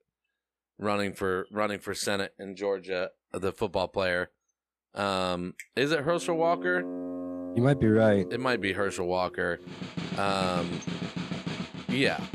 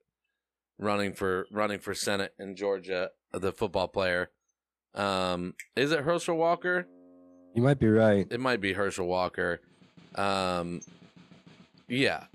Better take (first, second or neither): second